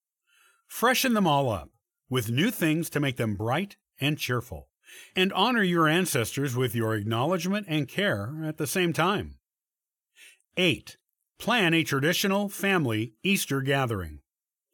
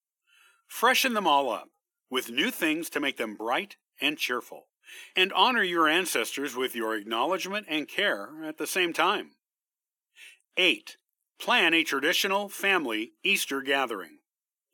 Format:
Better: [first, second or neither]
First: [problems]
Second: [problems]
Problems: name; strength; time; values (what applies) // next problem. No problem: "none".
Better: first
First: none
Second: thin; somewhat; fading below 250 Hz